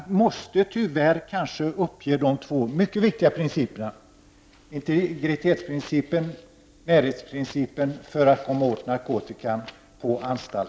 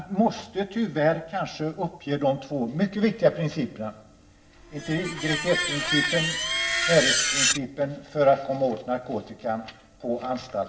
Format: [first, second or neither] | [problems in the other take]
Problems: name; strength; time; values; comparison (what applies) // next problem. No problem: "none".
first | background sound (Screech); as loud as the speech // room echo; dies away in 0.7 s